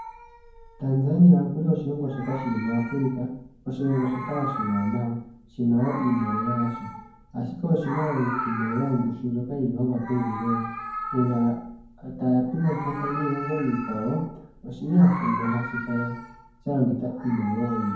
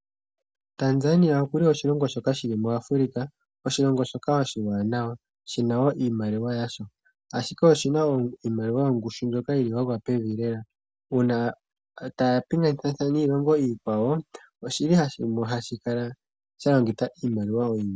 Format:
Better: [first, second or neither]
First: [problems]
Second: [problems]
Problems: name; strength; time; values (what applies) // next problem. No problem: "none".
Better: second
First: background sound (Meow); 11 dB below the speech // room echo; dies away in 0.9 s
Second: none